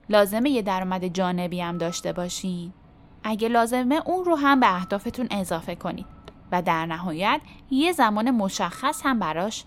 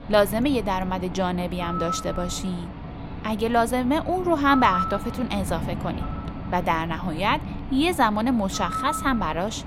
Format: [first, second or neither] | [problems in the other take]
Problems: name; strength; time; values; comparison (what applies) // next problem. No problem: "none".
first | animal sounds; loud; throughout; 8 dB below the speech; faint in the first